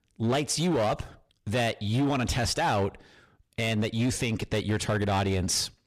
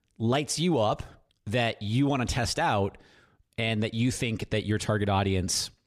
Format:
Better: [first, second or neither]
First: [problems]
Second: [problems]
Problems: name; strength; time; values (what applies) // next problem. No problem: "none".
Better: second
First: distortion; slight; 11% of the sound clipped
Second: none